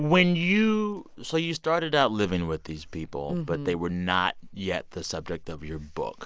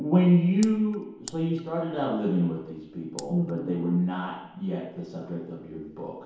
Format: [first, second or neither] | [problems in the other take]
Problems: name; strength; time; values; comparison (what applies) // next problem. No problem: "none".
first | background sound (Raindrop); 18 dB below the speech // room echo; dies away in 0.8 s